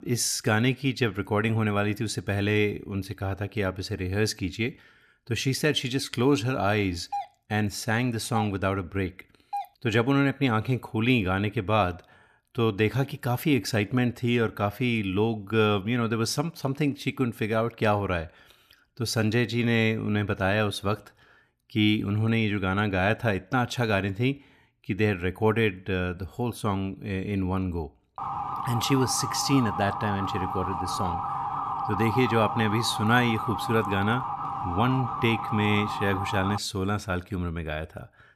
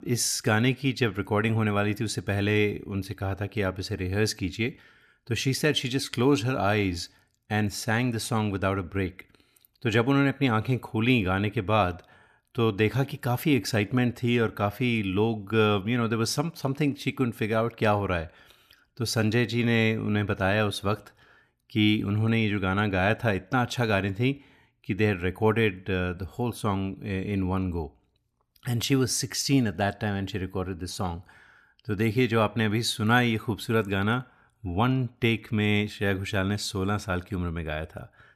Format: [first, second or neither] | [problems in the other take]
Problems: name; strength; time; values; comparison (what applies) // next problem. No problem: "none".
second | doorbell; noticeable; from 7 to 9.5 s; peak 9 dB below the speech // siren; noticeable; from 28 to 37 s; peak 3 dB below the speech